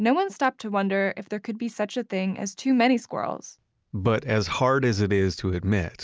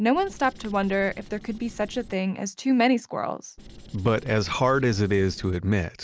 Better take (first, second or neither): first